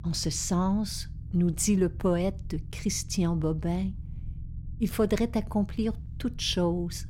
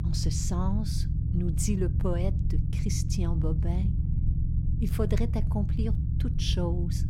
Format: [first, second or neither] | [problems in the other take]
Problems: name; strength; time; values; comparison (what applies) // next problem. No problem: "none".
first | low rumble; loud; throughout; 6 dB below the speech; faint in the first